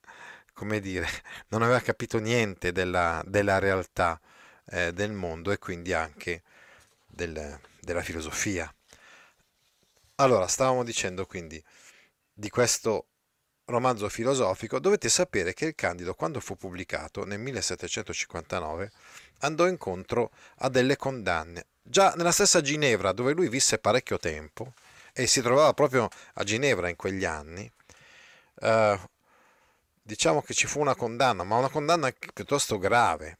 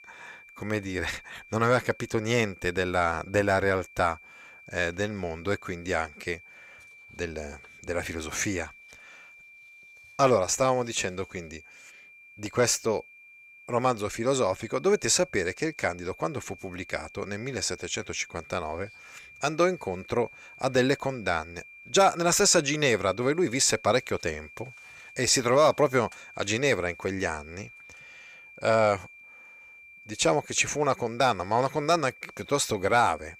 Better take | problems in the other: first | high-pitched whine; faint; throughout; 2.5 kHz, 20 dB below the speech

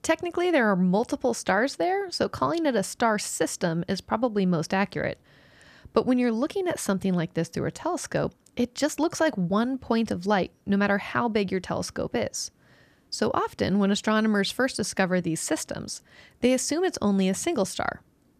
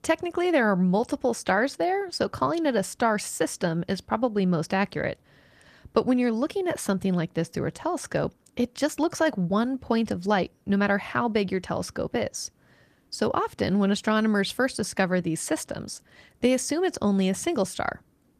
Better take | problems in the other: first | garbled, watery; slightly; nothing above 14.5 kHz

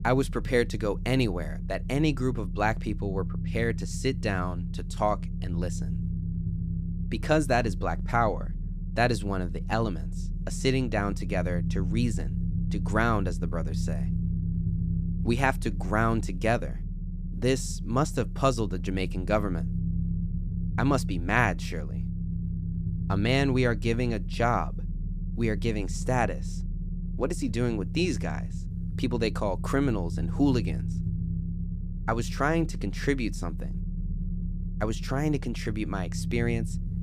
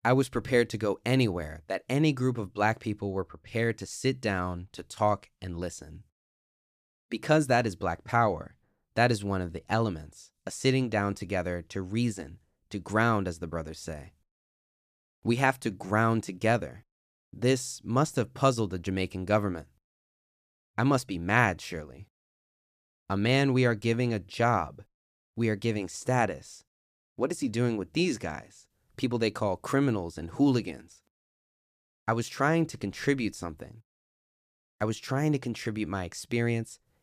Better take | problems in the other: second | low rumble; noticeable; throughout; 15 dB below the speech

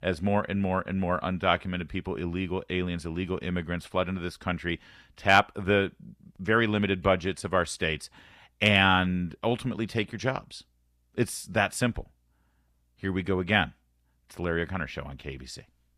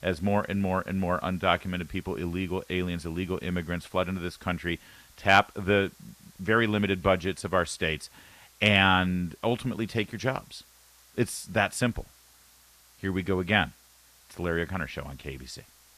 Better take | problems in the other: first | hiss; faint; throughout; 25 dB below the speech

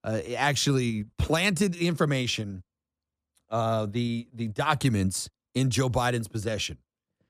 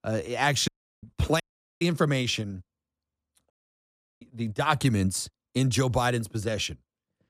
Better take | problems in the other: first | audio cutting out; at 0.5 s, at 1.5 s and at 3.5 s for 0.5 s

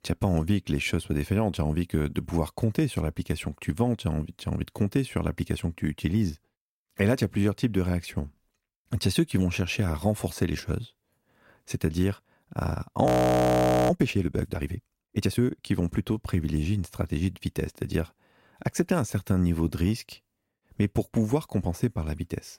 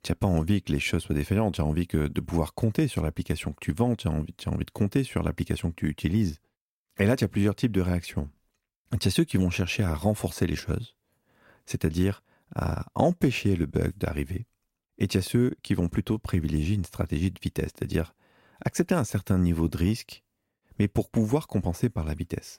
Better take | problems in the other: second | audio freezing; at 13 s for 1 s

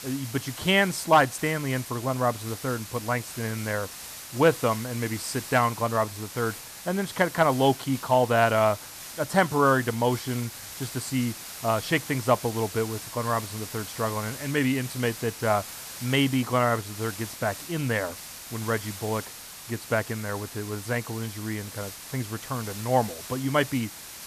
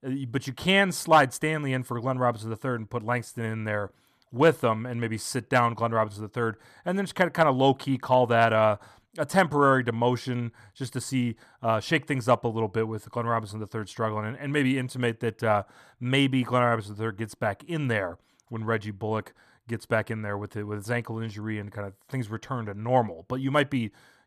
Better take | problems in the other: second | hiss; noticeable; throughout; 10 dB below the speech

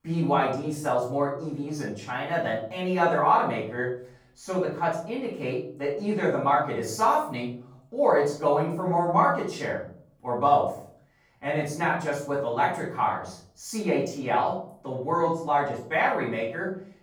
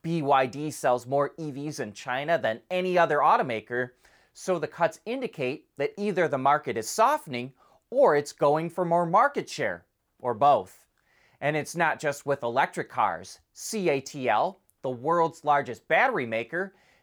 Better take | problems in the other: second | off-mic speech; far // room echo; noticeable; dies away in 0.6 s

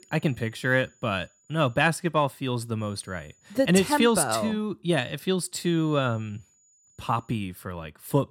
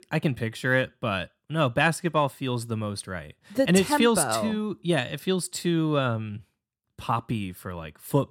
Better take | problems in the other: second | high-pitched whine; faint; until 2 s, from 3 to 4.5 s and from 5.5 to 7.5 s; 7 kHz, 35 dB below the speech

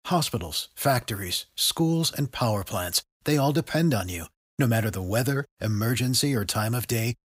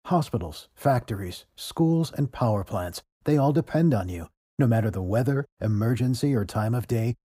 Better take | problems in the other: first | muffled; slightly; fading above 1.5 kHz

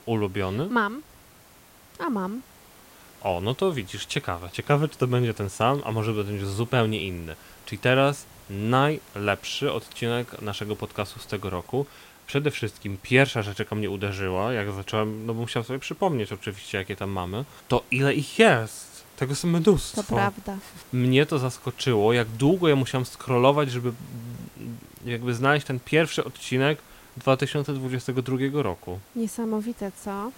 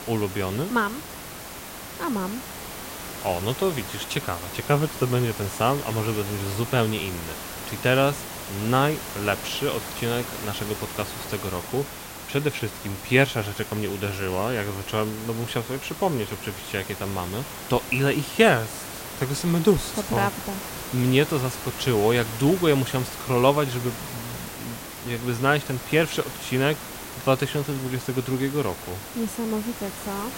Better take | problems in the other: first | hiss; loud; throughout; 9 dB below the speech; faint in the first

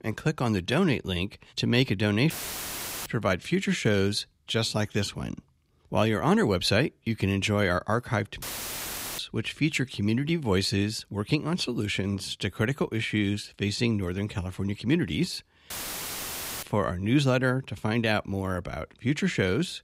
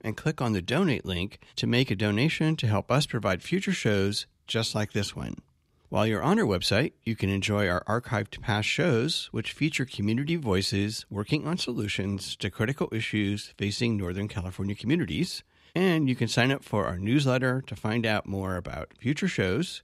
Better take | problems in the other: second | audio cutting out; filled with static; at 2.5 s for 1 s, at 8.5 s for 1 s and at 16 s for 1 s

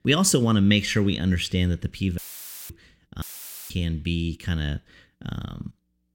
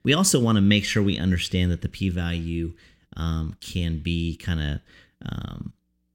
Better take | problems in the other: second | audio cutting out; filled with static; at 2 s for 0.5 s and at 3 s

